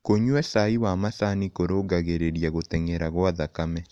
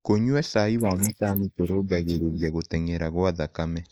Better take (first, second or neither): first